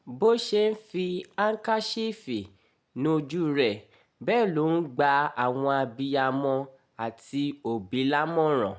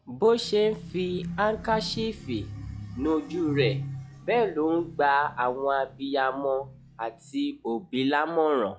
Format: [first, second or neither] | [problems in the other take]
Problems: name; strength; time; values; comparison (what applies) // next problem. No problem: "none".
first | noise reduction (classical method log-MMSE)